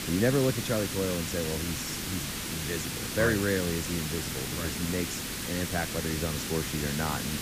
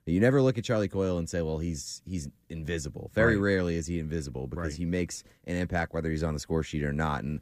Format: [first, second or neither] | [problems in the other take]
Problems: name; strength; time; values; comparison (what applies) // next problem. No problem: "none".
second | hiss; loud; throughout; 1 dB below the speech